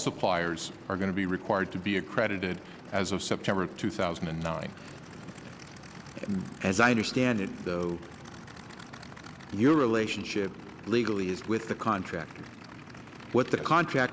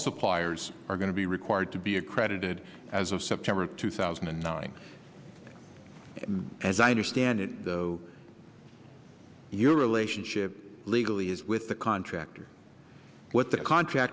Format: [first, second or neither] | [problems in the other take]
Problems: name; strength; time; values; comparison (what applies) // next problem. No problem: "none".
second | background sound (Idling / Aircraft); 17 dB below the speech